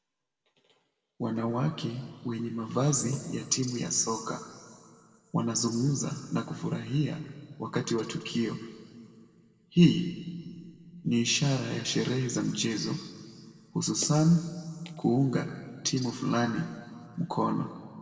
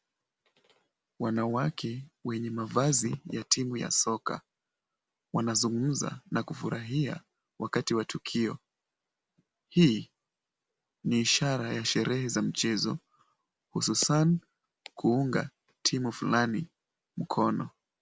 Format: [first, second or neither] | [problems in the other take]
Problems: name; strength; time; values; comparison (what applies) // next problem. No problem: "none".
second | room echo; dies away in 1.9 s